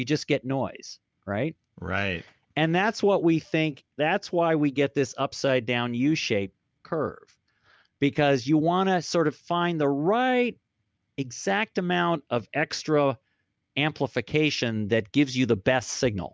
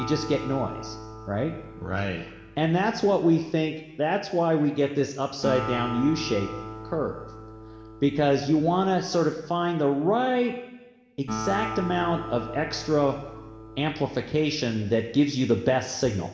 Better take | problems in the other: first | background sound (Acoustic guitar); 13 dB below the speech // room echo; dies away in 1.1 s

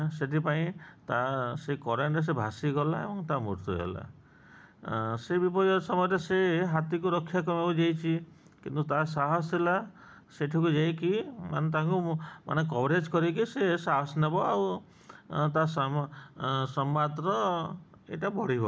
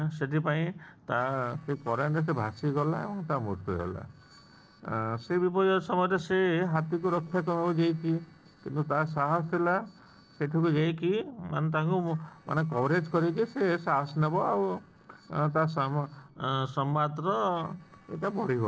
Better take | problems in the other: first | noise reduction (neural separator model SepFormer DNS4)

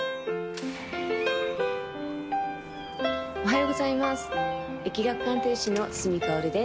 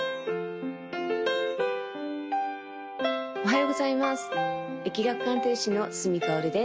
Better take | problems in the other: second | background sound (Door); 15 dB below the speech

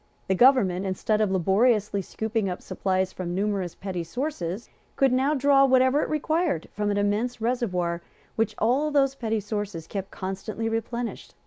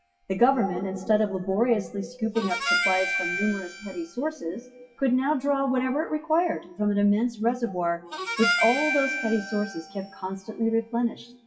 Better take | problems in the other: first | noise reduction (classical method WPE with log-MMSE)

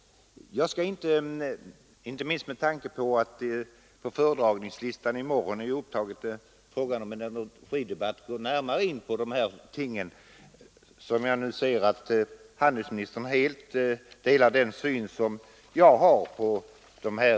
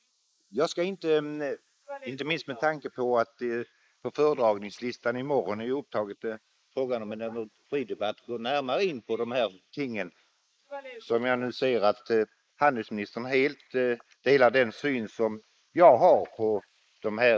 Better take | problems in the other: first | noise reduction (neural mask model Resemble Enhance denoiser)

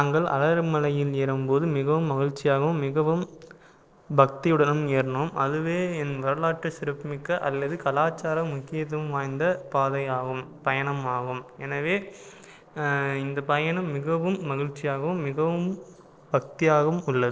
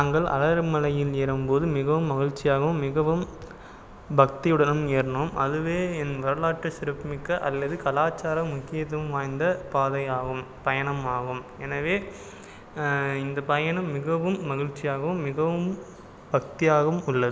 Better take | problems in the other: second | noise reduction (neural separator model SepFormer DNS4)

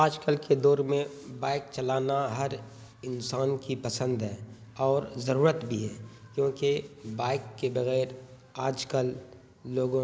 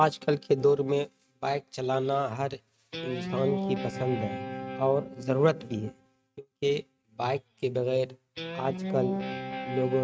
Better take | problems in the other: first | noise reduction (neural mask model RNNoise)

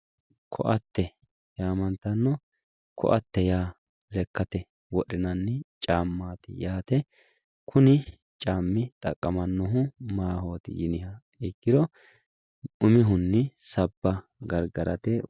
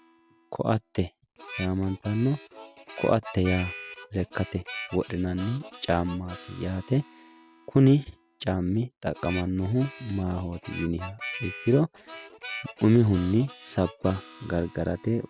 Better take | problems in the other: first | background sound (Harmonica); 16 dB below the speech

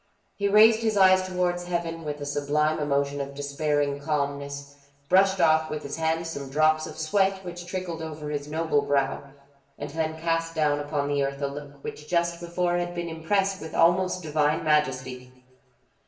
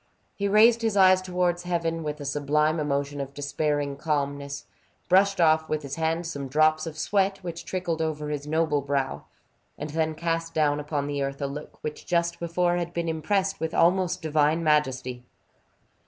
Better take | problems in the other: second | room echo; dies away in 0.8 s

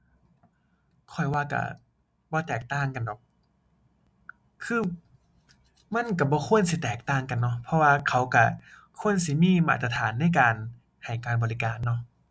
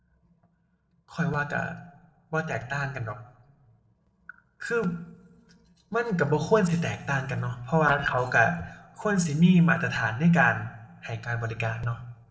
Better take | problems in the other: first | noise reduction (neural separator model SepFormer DNS4)

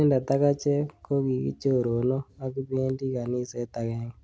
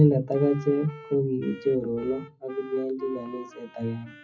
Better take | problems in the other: first | noise reduction (classical method WPE with log-MMSE)

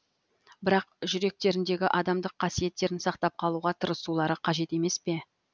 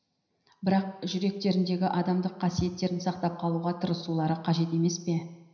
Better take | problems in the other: first | room echo; dies away in 0.9 s

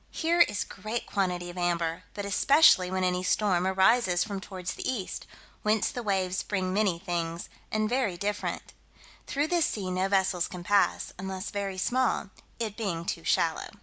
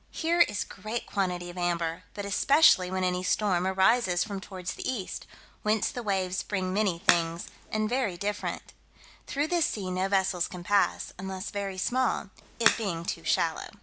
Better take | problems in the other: first | background sound (Crack); 3 dB below the speech

